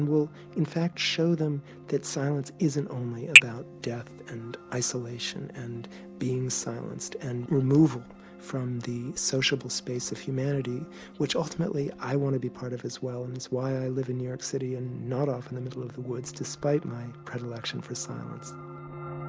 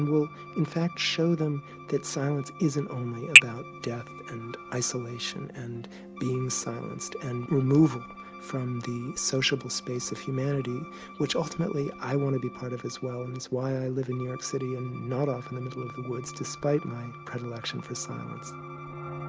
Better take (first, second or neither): first